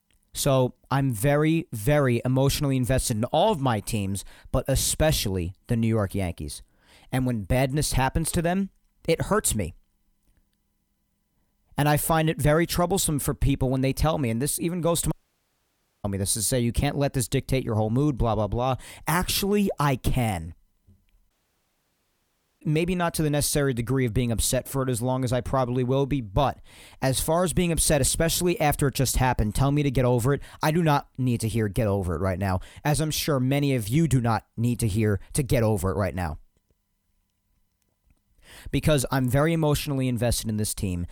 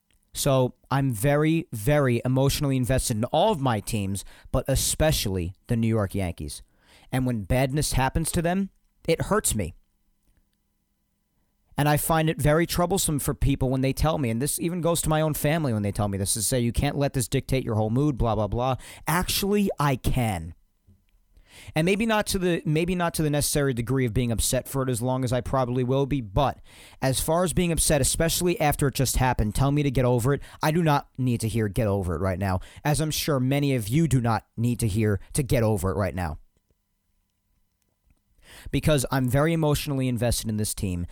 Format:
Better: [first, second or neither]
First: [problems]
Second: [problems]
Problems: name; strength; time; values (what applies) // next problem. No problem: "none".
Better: second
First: audio cutting out; at 15 s for 1 s and at 21 s for 1.5 s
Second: none